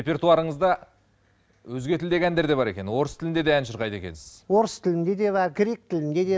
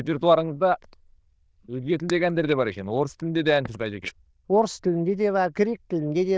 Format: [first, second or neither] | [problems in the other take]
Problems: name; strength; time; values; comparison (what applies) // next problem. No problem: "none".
first | noise reduction (neural diffusion model UNIVERSE++)